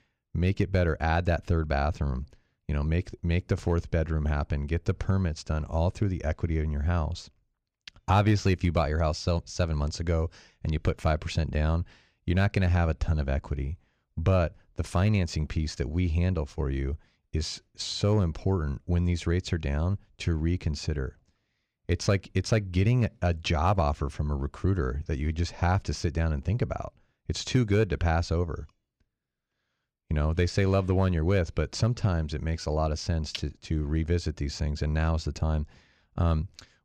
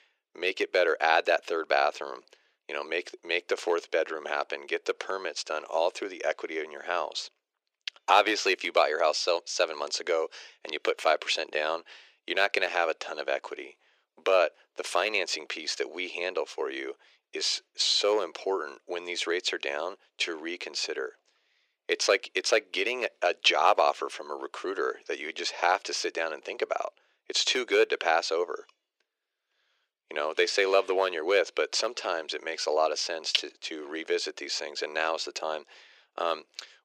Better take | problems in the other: first | thin; very; fading below 400 Hz

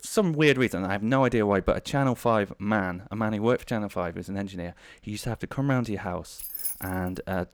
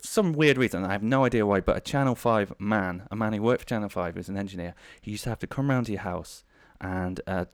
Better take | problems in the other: second | jangling keys; noticeable; at 6.5 s; peak 4 dB below the speech

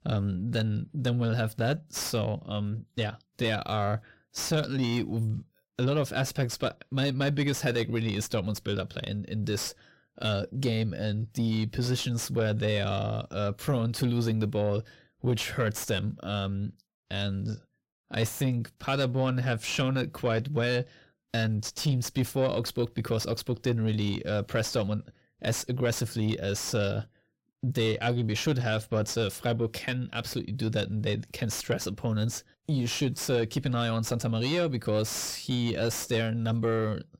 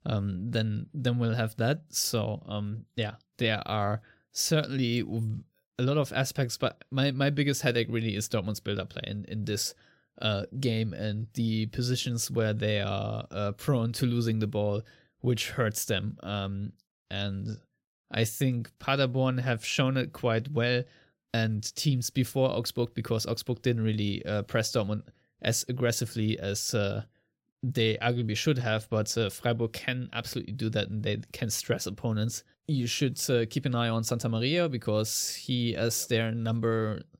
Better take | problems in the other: second | distortion; slight; 10 dB below the speech

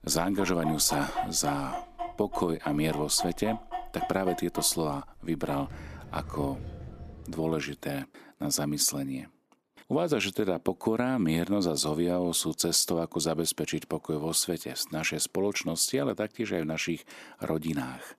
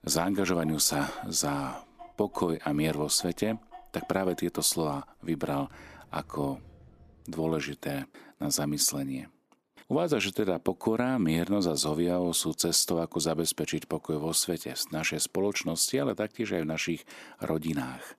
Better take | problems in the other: second | animal sounds; loud; until 7 s; 10 dB below the speech; faint in the second

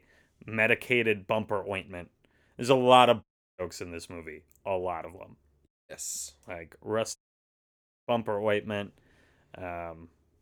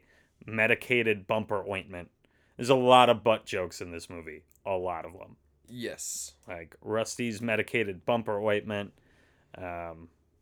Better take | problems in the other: second | audio cutting out; at 3 s, at 5.5 s and at 7 s for 1 s

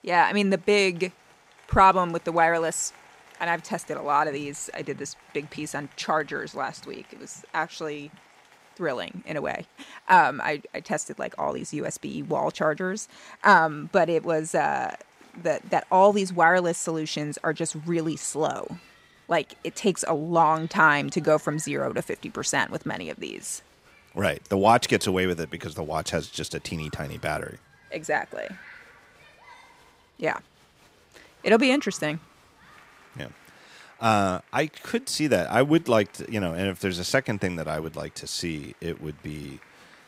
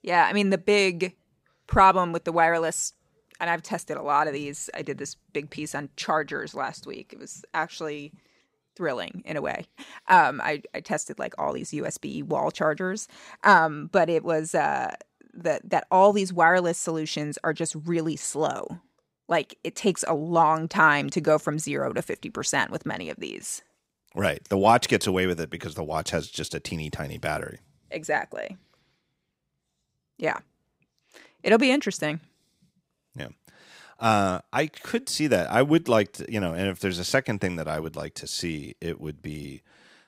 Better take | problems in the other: second | crowd noise; faint; throughout; 30 dB below the speech

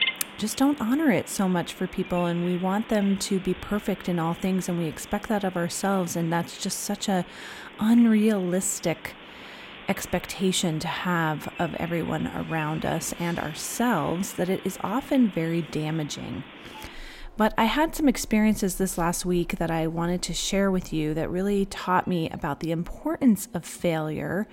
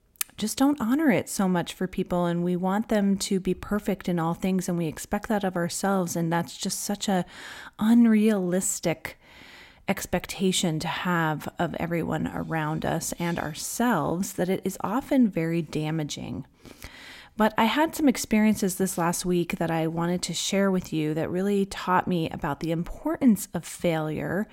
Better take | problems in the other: second | animal sounds; noticeable; throughout; 15 dB below the speech

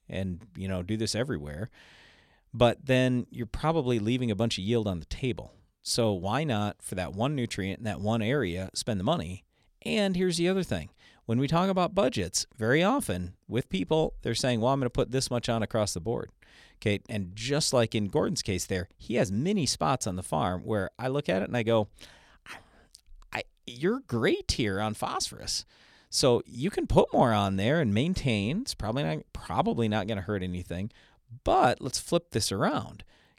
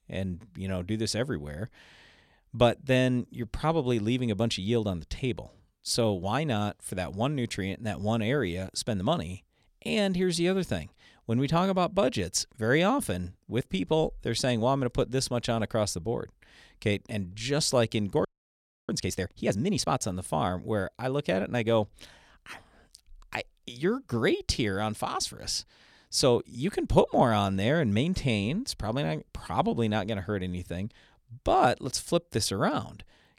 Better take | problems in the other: first | audio freezing; at 18 s for 0.5 s

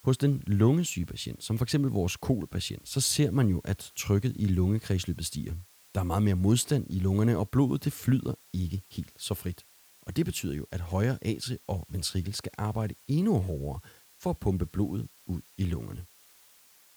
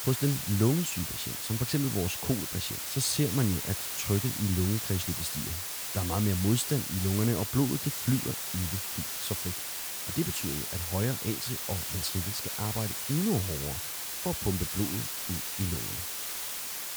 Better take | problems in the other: first | hiss; loud; throughout; as loud as the speech; faint in the first

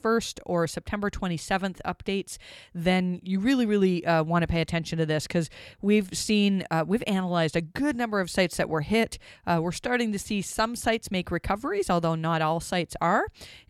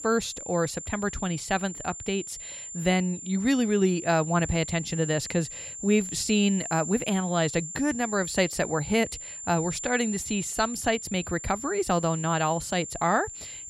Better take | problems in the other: first | high-pitched whine; loud; throughout; 7 kHz, 8 dB below the speech

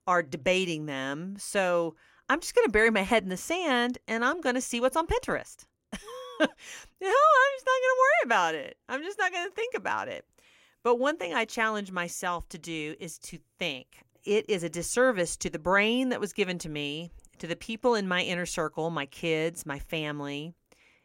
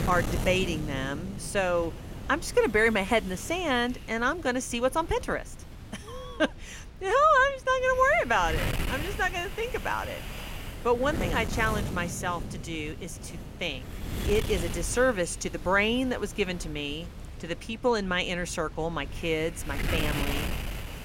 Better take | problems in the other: first | wind noise on the microphone; occasional gusts; 15 dB below the speech

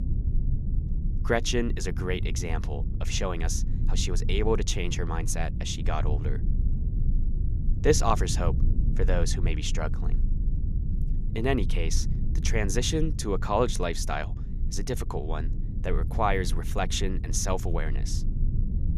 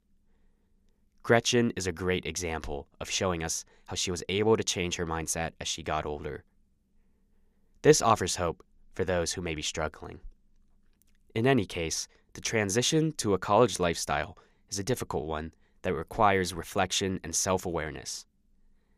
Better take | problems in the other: second | low rumble; noticeable; throughout; 15 dB below the speech

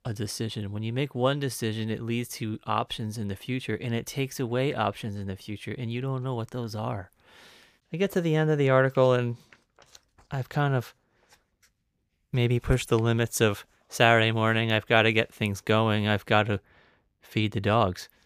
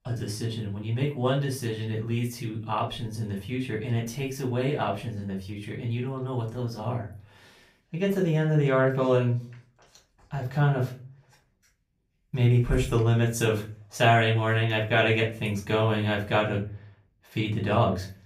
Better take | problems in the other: first | off-mic speech; far // room echo; slight; dies away in 0.4 s

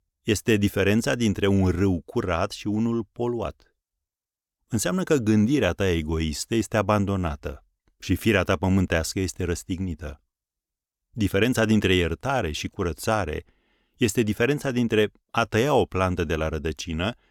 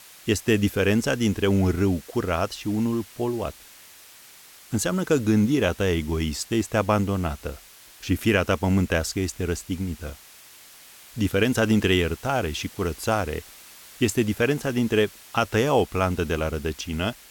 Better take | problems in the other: first | hiss; faint; throughout; 20 dB below the speech

